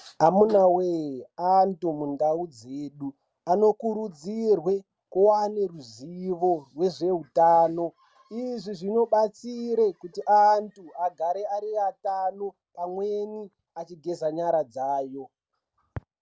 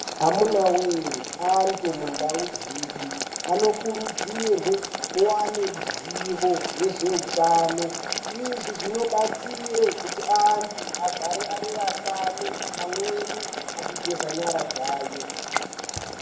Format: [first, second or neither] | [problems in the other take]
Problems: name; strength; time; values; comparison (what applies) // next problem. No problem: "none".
first | background sound (Boiling); 6 dB below the speech // room echo; dies away in 0.5 s